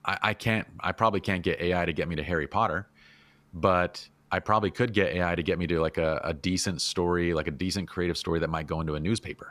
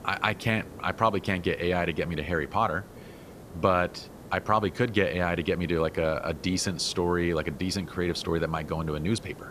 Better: first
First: none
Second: hiss; noticeable; throughout; 20 dB below the speech

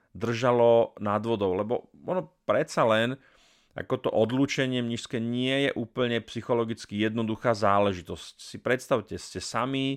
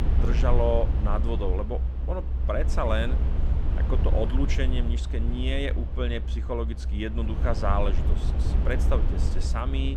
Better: first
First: none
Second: low rumble; loud; throughout; 9 dB below the speech

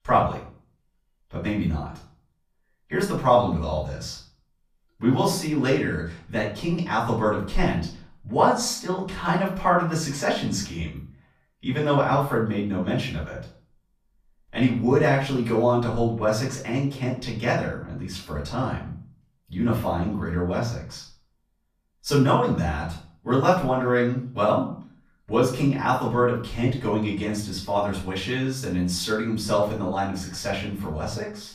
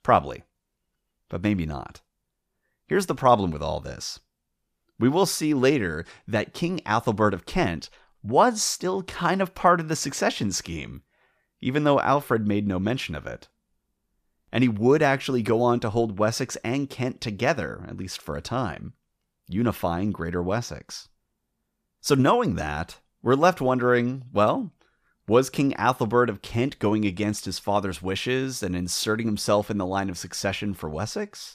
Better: second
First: off-mic speech; far // room echo; slight; dies away in 0.4 s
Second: none

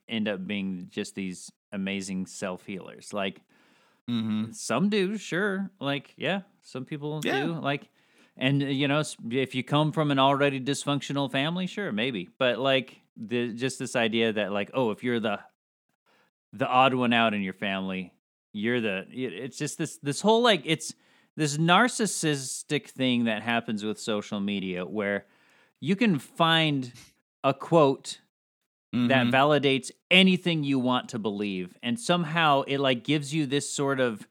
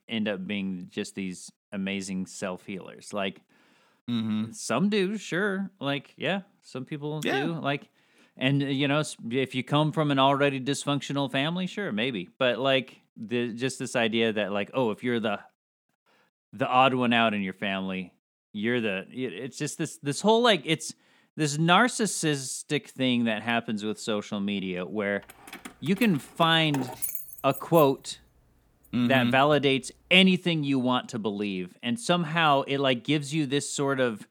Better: first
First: none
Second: jangling keys; noticeable; from 25 to 28 s; peak 4 dB below the speech

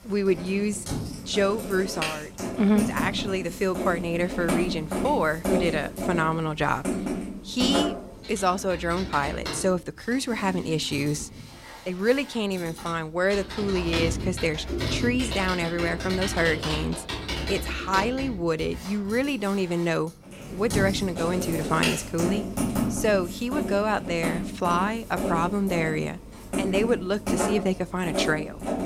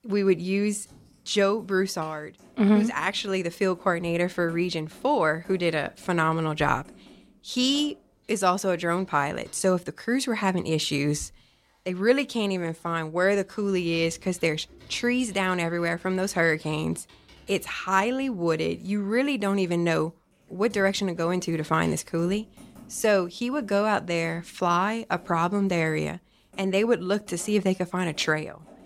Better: second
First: household noises; loud; throughout; 5 dB below the speech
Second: household noises; faint; throughout; 25 dB below the speech

